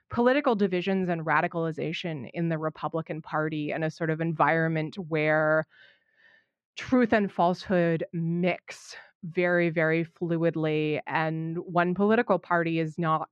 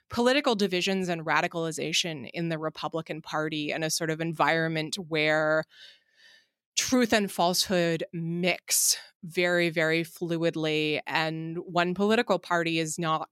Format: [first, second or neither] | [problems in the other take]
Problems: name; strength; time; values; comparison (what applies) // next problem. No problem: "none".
second | muffled; very; fading above 1.5 kHz